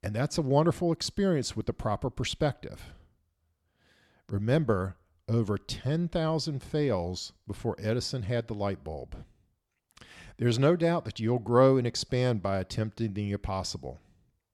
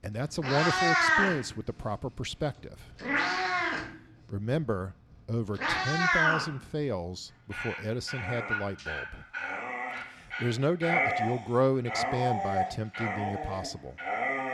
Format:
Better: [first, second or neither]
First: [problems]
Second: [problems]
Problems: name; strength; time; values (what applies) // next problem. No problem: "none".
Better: first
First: none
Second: animal sounds; very loud; throughout; 3 dB above the speech